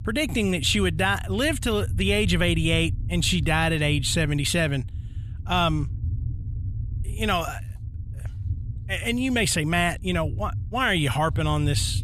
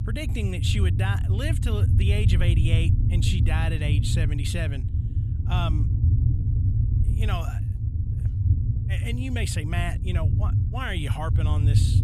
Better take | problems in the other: first | low rumble; loud; throughout; 5 dB below the speech; faint in the first

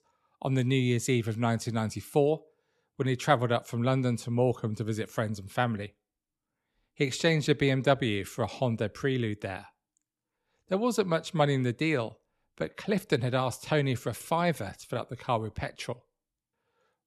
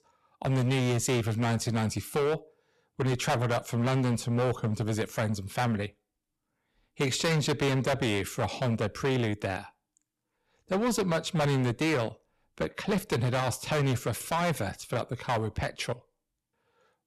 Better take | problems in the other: first | distortion; heavy; 14% of the sound clipped

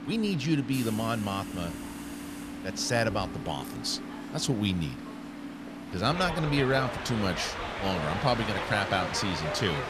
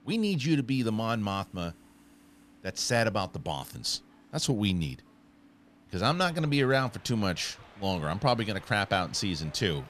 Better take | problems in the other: second | train or aircraft noise; loud; throughout; 6 dB below the speech; faint in the second

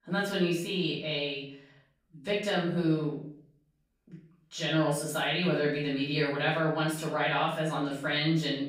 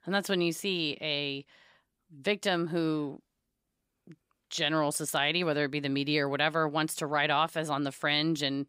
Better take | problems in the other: second | off-mic speech; far // room echo; noticeable; dies away in 0.5 s

